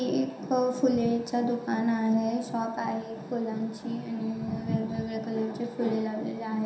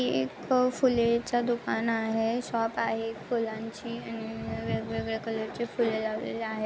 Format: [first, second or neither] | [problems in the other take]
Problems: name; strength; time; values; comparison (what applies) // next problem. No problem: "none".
second | room echo; dies away in 0.7 s